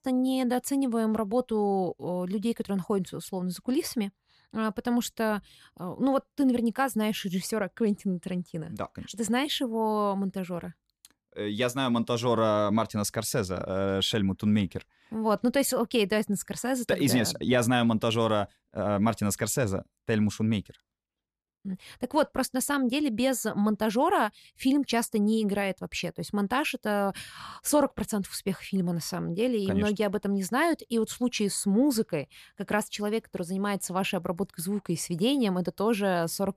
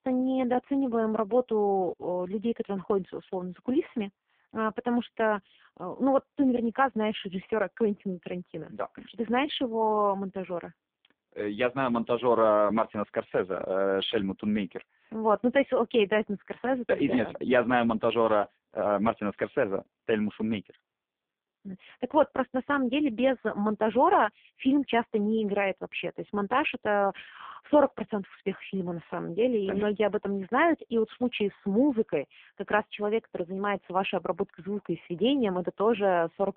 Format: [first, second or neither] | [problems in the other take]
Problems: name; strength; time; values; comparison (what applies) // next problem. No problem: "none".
first | phone-call audio; poor line; nothing above 3.5 kHz